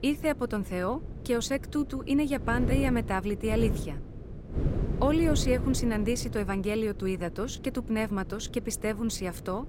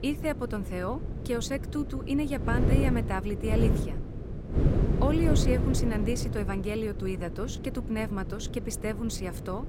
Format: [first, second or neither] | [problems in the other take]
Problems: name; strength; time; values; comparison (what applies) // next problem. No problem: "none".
first | wind noise on the microphone; heavy; 5 dB below the speech; occasional gusts in the first